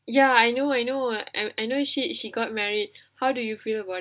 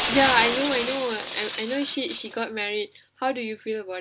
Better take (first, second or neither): first